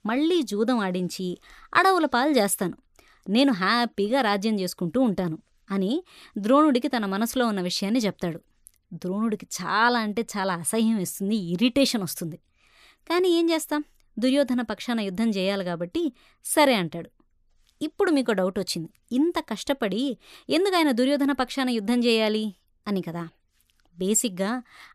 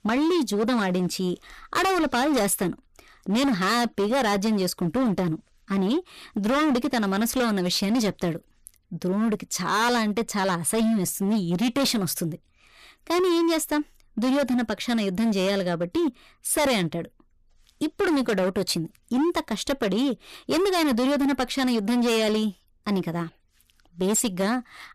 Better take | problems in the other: first | distortion; heavy; 19% of the sound clipped

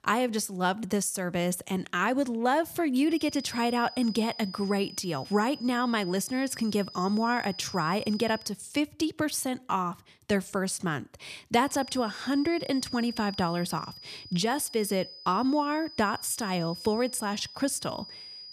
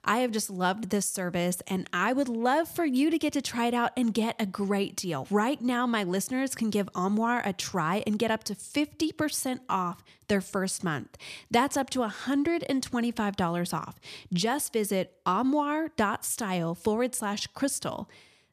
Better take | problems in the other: second | high-pitched whine; noticeable; from 3 to 8.5 s and from 12 s on; 5 kHz, 15 dB below the speech

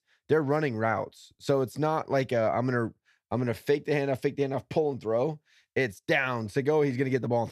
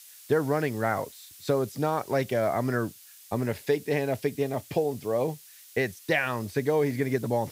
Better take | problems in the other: first | hiss; noticeable; throughout; 20 dB below the speech

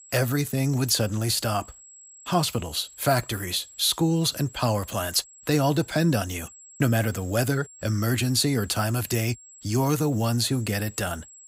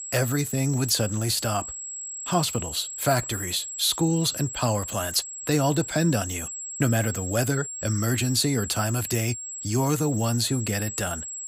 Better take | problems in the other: first | high-pitched whine; loud; throughout; 7.5 kHz, 7 dB below the speech; faint in the first

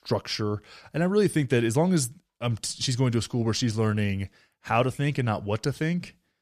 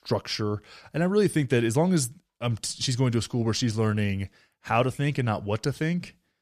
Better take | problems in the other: neither | none

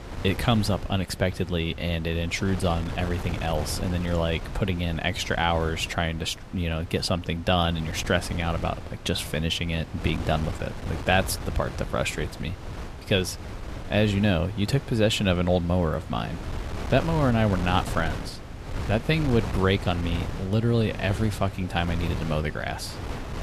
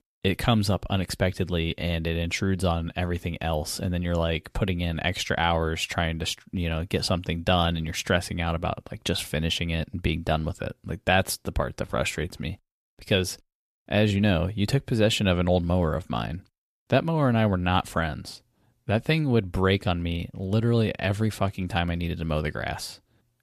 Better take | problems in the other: second | wind noise on the microphone; occasional gusts; 10 dB below the speech

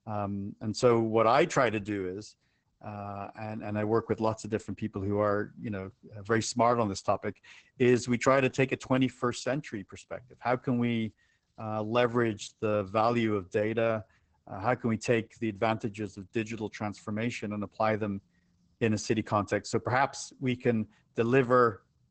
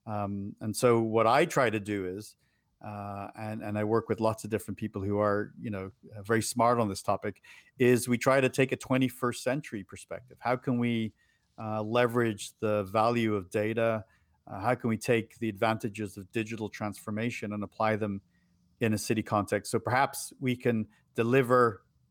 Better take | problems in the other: second | garbled, watery; badly; nothing above 8 kHz

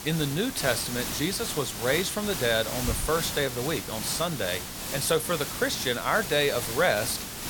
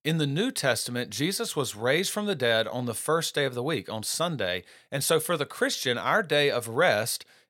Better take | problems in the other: second | hiss; loud; throughout; 5 dB below the speech

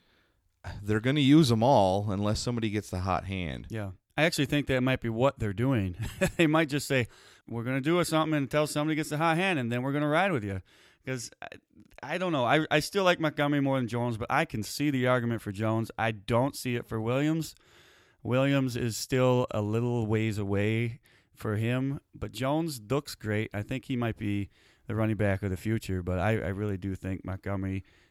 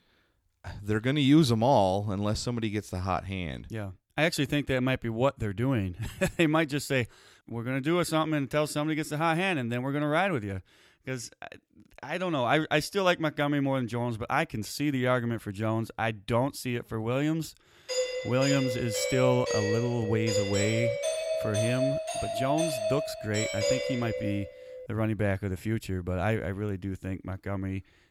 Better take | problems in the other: first | doorbell; loud; from 18 to 25 s; peak 1 dB above the speech

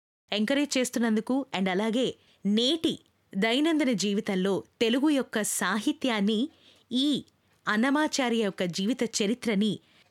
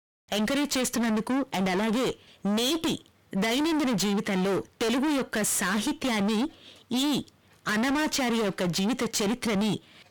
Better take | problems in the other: first | distortion; heavy; 41% of the sound clipped

